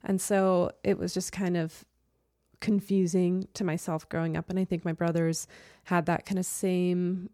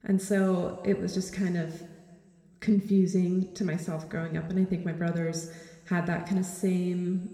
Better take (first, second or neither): first